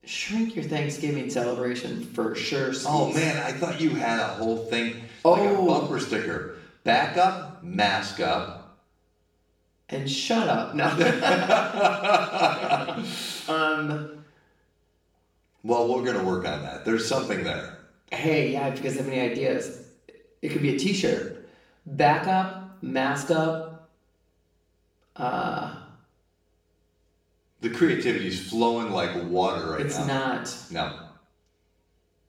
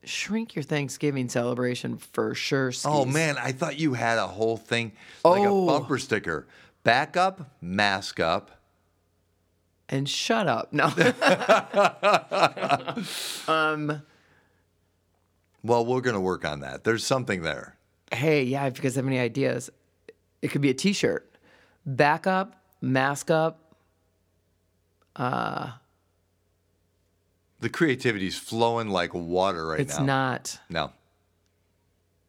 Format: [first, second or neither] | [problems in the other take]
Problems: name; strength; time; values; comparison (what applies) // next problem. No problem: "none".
second | room echo; noticeable; dies away in 0.7 s // off-mic speech; far